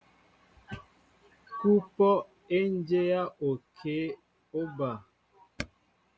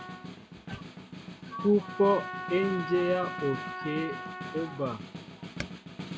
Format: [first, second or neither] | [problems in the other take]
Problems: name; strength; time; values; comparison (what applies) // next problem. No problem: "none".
first | background sound (Snare drum + Trumpet); 8 dB below the speech